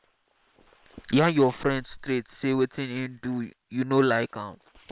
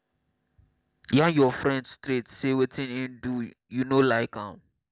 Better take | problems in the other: second | noise reduction (neural separator model SepFormer WHAM!)

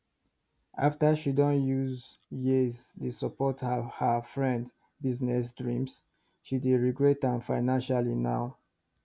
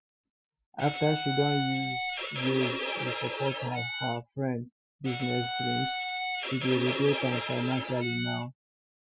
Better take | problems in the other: first | noise reduction (classical method Wiener filter)

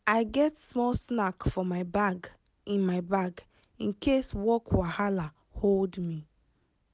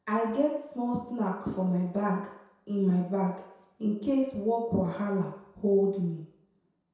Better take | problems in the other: first | room echo; dies away in 0.7 s

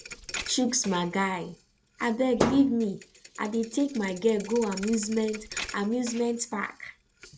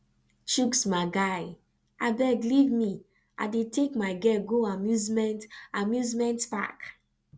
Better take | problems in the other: second | background sound (Thump, thud); 10 dB below the speech

